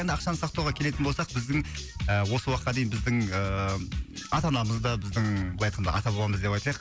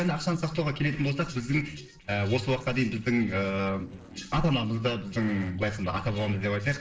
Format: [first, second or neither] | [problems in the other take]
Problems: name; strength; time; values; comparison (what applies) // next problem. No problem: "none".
first | noise reduction (neural separator model SepFormer DNS4)